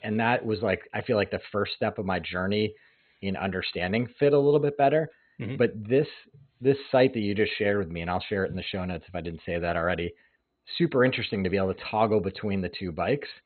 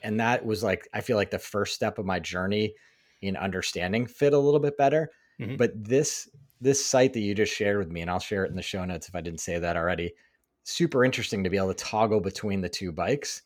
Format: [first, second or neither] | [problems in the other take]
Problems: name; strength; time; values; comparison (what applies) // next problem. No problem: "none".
second | garbled, watery; badly; nothing above 4 kHz